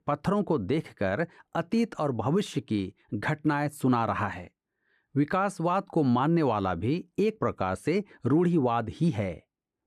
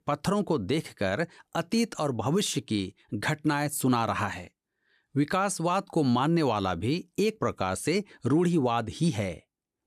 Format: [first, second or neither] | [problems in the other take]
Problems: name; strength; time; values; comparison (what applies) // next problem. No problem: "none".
second | muffled; slightly; fading above 3 kHz